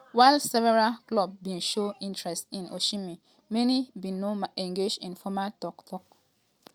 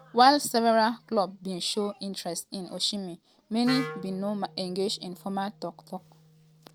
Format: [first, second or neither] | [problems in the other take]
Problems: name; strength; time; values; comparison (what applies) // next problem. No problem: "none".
first | background sound (Wind instrument, woodwind instrument); 17 dB below the speech